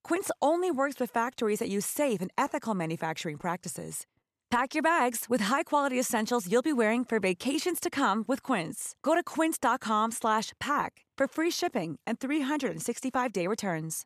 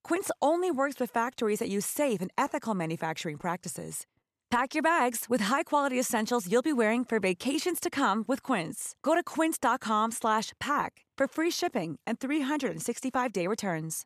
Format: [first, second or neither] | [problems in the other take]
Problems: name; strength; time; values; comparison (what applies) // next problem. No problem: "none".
neither | none